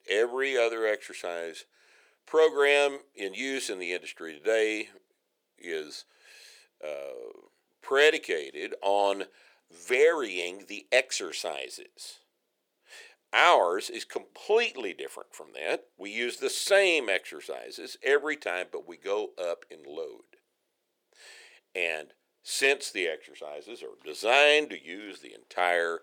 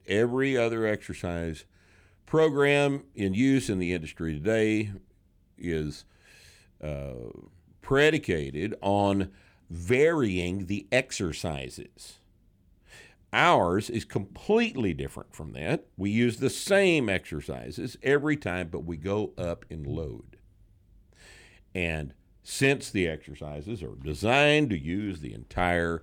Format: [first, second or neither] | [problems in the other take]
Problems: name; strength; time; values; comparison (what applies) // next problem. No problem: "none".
second | thin; very; fading below 450 Hz